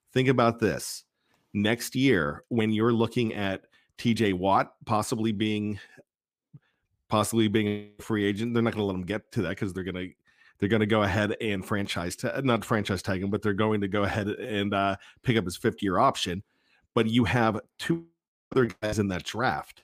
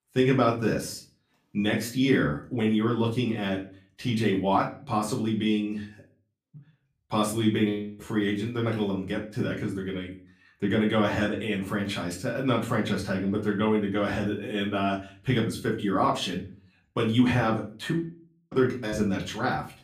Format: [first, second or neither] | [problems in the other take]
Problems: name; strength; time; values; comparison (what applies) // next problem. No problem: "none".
first | room echo; slight; dies away in 0.3 s // off-mic speech; far